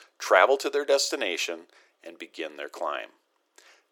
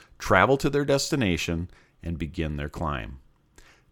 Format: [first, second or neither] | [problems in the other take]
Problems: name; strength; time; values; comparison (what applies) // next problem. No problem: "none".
second | thin; very; fading below 350 Hz